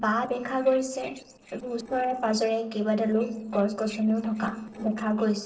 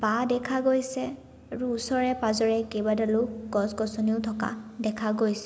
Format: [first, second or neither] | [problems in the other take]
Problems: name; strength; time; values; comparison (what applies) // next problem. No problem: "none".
second | noise reduction (neural separator model SepFormer DNS4)